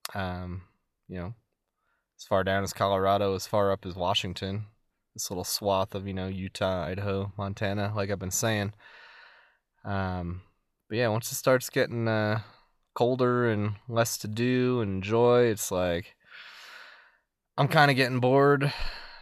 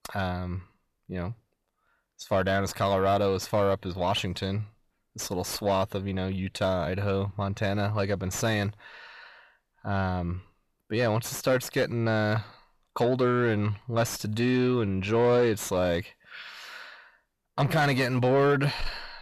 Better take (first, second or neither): first